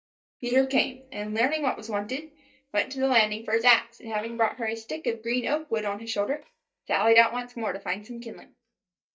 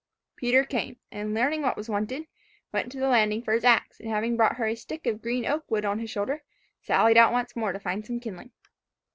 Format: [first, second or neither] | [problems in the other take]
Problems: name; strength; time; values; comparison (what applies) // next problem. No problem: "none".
second | noise reduction (neural mask model DeepFilterNet 3)